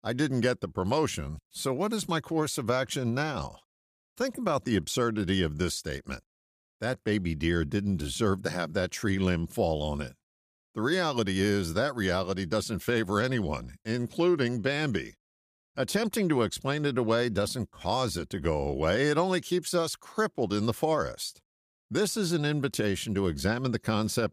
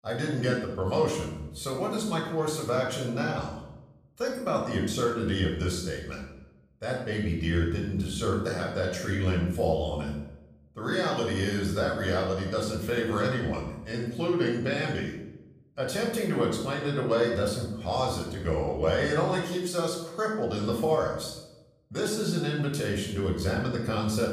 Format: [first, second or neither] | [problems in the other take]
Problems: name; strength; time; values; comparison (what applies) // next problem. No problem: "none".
first | off-mic speech; somewhat distant // room echo; noticeable; dies away in 0.7 s